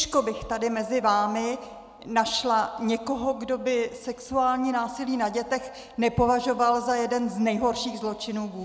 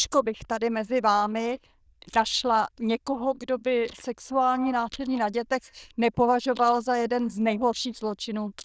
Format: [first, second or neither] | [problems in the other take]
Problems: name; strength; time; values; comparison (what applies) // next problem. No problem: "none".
first | noise reduction (neural diffusion model UNIVERSE++)